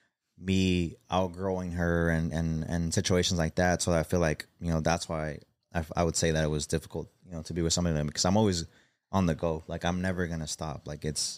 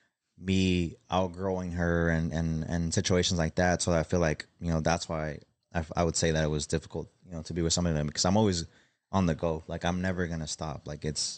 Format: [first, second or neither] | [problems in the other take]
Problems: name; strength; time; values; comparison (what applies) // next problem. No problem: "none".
first | garbled, watery; slightly; nothing above 8.5 kHz